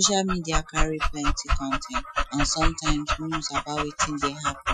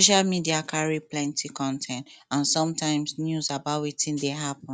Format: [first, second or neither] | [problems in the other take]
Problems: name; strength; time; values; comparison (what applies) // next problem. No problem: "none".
second | noise reduction (classical method Wiener filter)